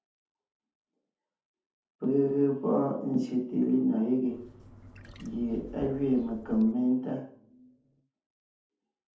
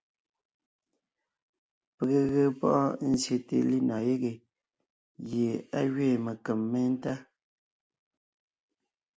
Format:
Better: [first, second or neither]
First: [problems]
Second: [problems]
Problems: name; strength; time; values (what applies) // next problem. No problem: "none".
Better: second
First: background sound (Trickle, dribble / Chirp, tweet); 18 dB below the speech // room echo; dies away in 0.6 s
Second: none